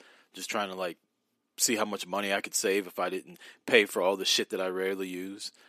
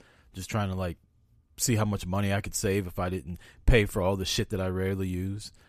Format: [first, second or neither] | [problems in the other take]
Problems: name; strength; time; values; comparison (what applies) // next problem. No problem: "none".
second | thin; somewhat; fading below 250 Hz